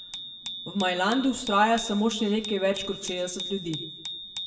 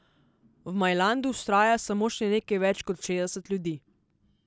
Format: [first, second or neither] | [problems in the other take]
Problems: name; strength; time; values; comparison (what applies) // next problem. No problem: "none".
second | background sound (Bicycle bell); 10 dB below the speech // room echo; dies away in 0.6 s